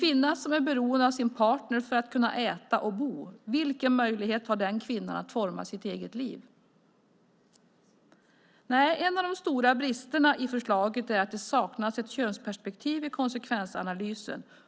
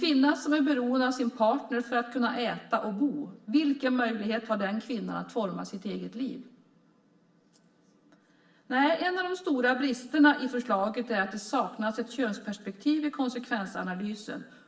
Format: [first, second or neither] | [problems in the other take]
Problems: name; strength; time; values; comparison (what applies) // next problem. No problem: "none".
first | room echo; dies away in 0.9 s